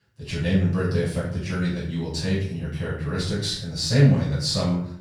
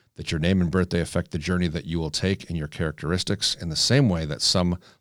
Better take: second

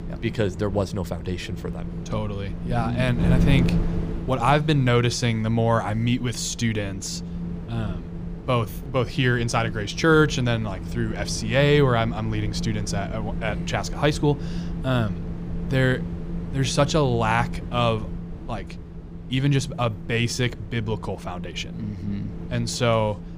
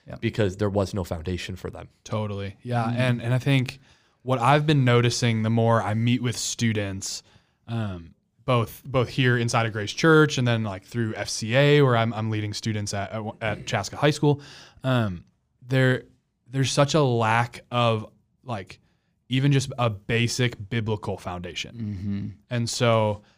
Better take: second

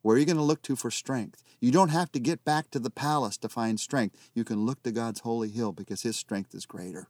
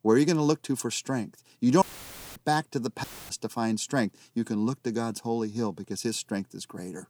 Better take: first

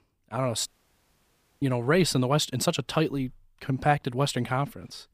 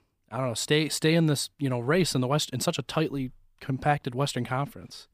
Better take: second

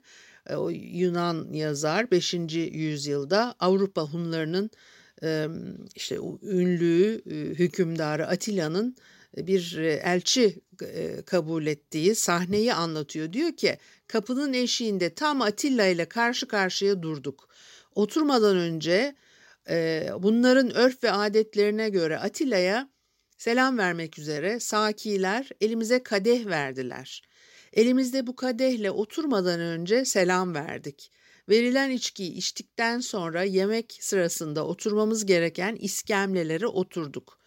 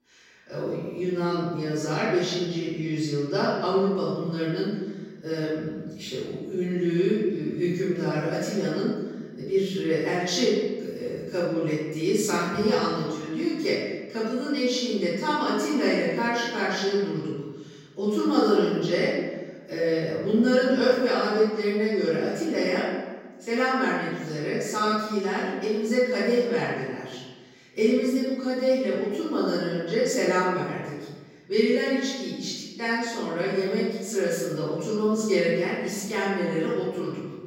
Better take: first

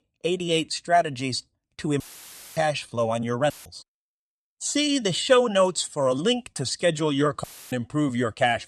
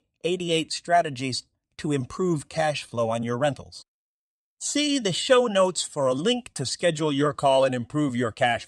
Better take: second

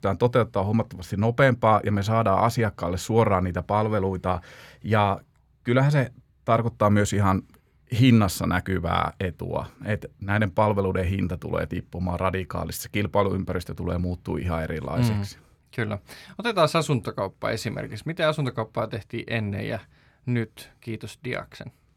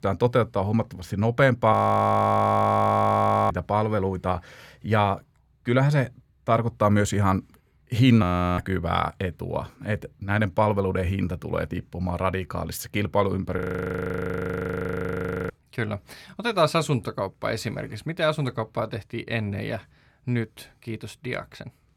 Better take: first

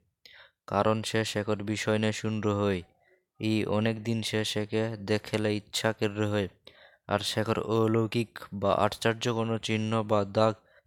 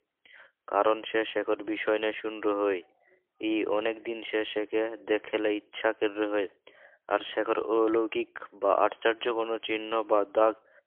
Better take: first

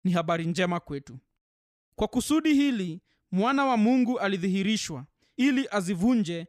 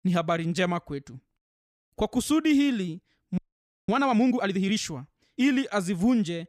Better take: first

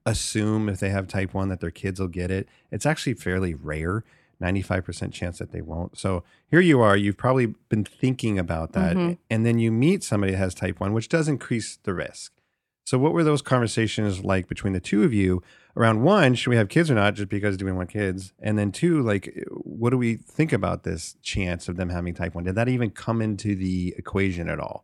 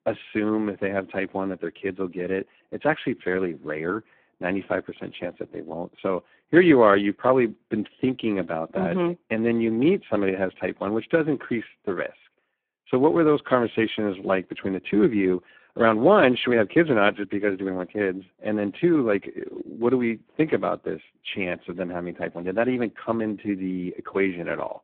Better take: first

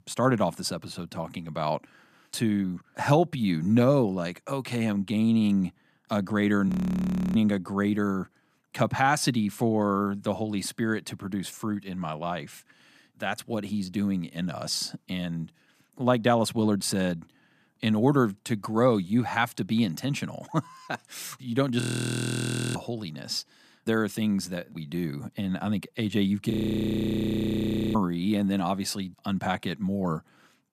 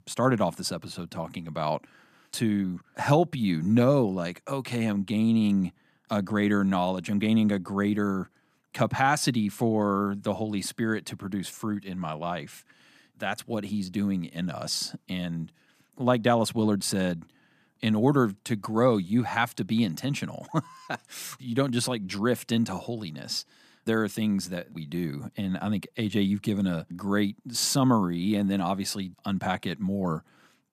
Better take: second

